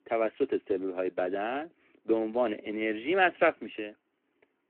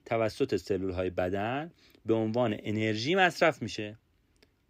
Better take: second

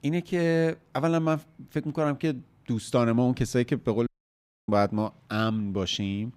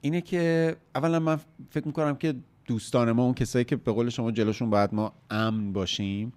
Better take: second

